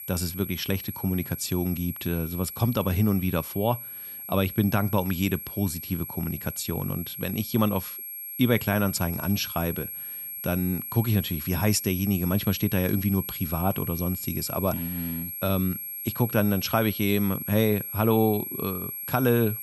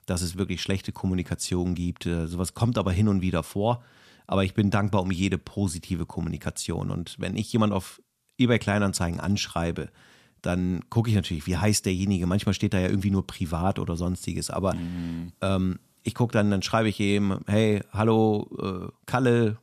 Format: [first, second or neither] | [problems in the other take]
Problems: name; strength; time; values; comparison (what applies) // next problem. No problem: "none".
second | high-pitched whine; loud; throughout; 11.5 kHz, 7 dB below the speech